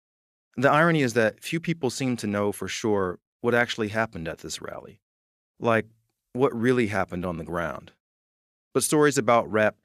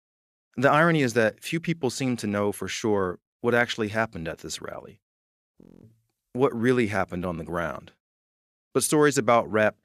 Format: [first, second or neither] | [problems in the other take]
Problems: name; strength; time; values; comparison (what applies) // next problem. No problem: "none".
first | audio freezing; at 5.5 s